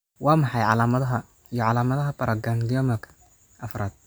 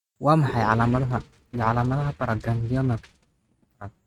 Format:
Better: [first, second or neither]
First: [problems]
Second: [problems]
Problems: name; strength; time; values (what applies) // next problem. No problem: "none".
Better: first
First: none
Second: noise reduction (neural mask model RNNoise)